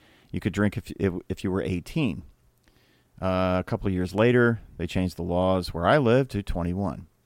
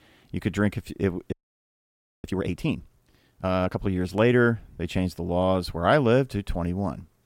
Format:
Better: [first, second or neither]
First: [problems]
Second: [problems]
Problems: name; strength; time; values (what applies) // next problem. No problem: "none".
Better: first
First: none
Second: audio freezing; at 1.5 s for 1 s